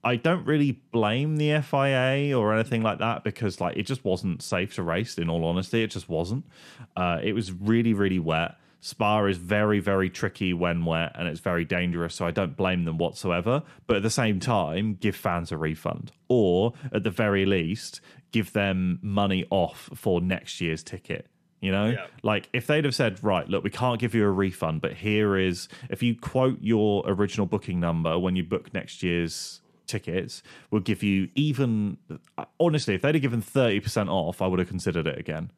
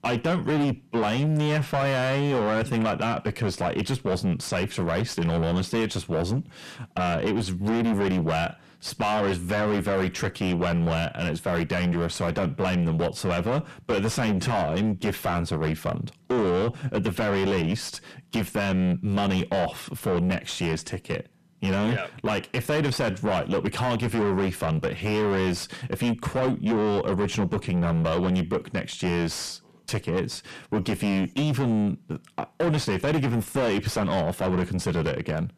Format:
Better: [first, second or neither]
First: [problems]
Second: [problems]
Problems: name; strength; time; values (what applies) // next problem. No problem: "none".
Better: first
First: none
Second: distortion; heavy; 6 dB below the speech